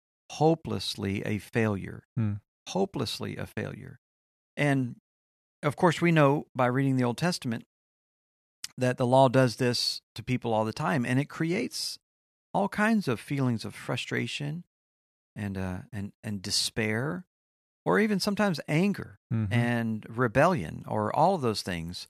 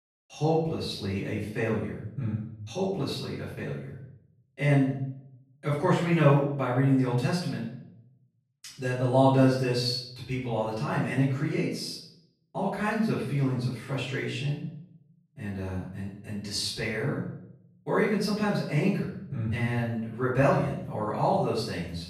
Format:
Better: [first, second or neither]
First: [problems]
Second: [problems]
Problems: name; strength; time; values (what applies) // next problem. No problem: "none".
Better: first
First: none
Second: off-mic speech; far // room echo; noticeable; dies away in 0.7 s